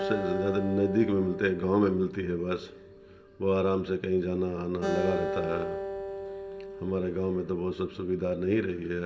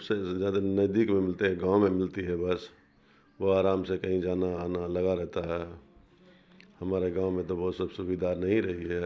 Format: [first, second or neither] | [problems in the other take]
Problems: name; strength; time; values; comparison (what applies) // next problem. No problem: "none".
second | background sound (Acoustic guitar); 8 dB below the speech // room echo; dies away in 2.9 s